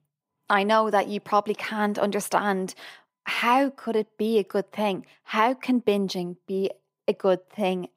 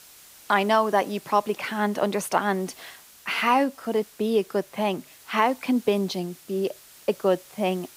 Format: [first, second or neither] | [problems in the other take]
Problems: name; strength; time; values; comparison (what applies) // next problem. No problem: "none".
first | hiss; faint; throughout; 20 dB below the speech